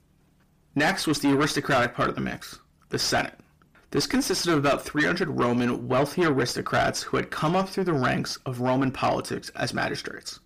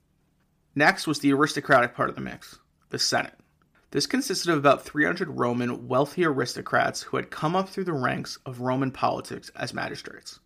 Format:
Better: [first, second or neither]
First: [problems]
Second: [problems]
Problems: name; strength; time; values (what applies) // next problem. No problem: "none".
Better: second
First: distortion; heavy; 6 dB below the speech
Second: none